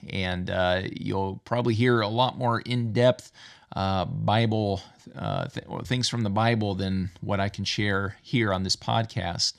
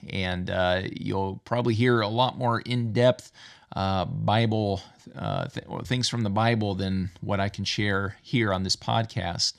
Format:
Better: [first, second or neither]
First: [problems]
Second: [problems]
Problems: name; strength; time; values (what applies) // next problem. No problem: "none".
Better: neither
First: none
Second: none